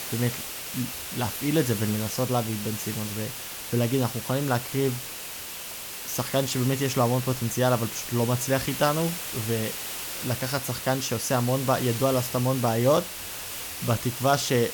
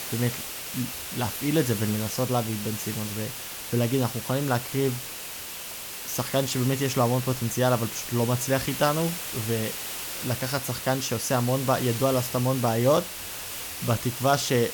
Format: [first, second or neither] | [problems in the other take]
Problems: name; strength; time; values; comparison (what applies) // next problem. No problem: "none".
neither | hiss; loud; throughout; 6 dB below the speech; the same in both